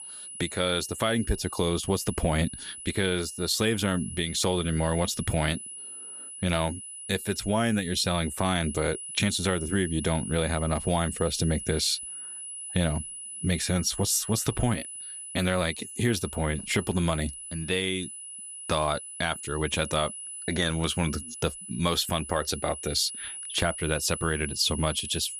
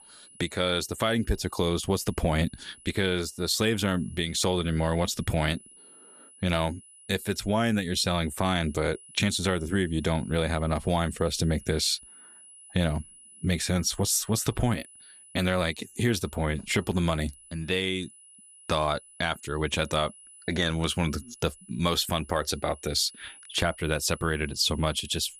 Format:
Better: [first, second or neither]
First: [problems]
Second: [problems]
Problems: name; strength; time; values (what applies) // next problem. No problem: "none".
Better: second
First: high-pitched whine; loud; throughout; 10 kHz, 9 dB below the speech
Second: high-pitched whine; faint; throughout; 10 kHz, 20 dB below the speech